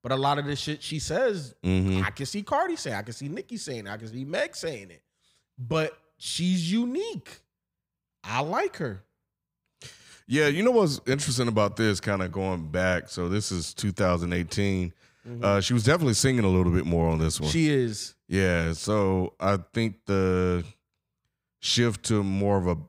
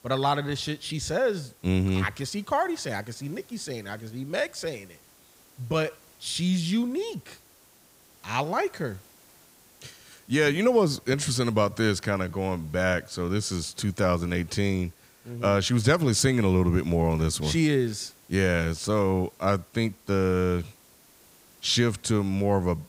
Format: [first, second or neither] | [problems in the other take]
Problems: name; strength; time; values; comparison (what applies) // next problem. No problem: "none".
first | hiss; faint; throughout; 30 dB below the speech